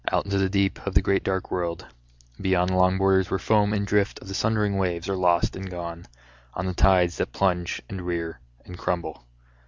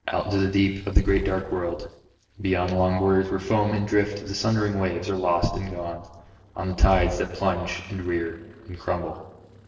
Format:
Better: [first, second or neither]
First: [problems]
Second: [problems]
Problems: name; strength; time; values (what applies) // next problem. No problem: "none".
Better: first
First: none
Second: noise reduction (neural separator model SepFormer DNS4)